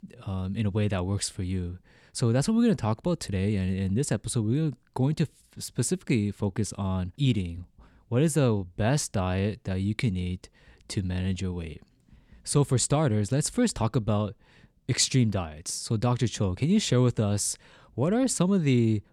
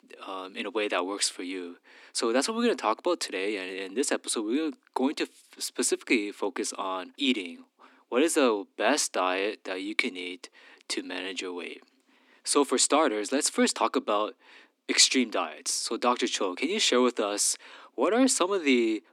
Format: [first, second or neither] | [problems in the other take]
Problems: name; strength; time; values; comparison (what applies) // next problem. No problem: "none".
first | thin; somewhat; fading below 250 Hz